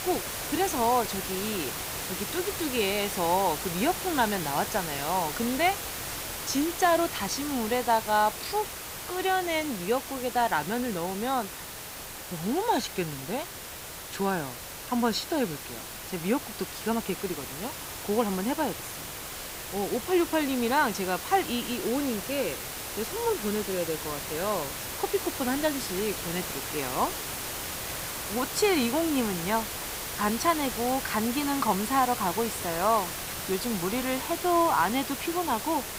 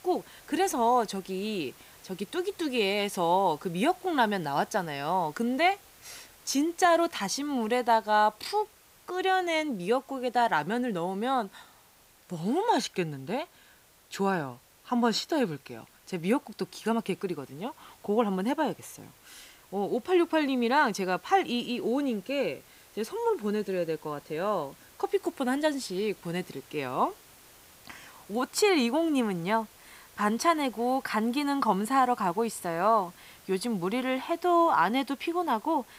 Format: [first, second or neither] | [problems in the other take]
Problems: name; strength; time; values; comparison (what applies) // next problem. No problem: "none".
second | hiss; loud; throughout; 5 dB below the speech; faint in the second